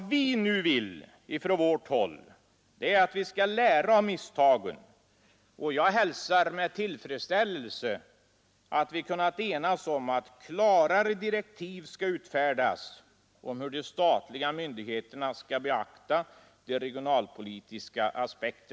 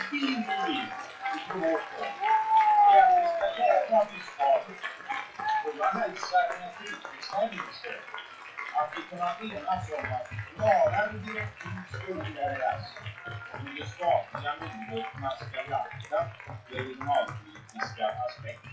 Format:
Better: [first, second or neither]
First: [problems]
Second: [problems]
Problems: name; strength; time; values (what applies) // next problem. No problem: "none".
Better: first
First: none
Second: noise reduction (classical method WPE with log-MMSE)